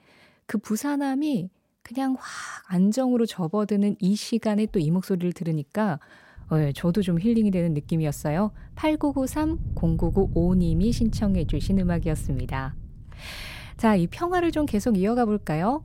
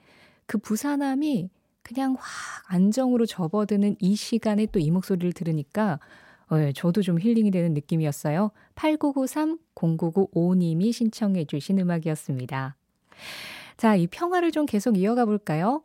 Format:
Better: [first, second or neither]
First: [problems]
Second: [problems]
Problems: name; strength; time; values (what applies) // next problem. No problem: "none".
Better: second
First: wind noise on the microphone; occasional gusts; from 6.5 s on; 20 dB below the speech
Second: none